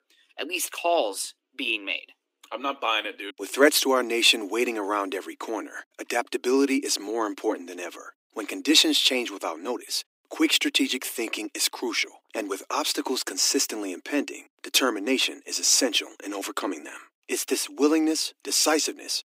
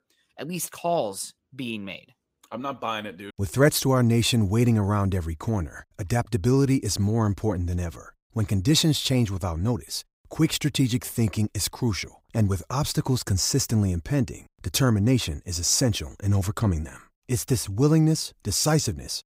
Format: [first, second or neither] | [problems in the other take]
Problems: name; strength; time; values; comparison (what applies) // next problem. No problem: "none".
second | thin; somewhat; fading below 300 Hz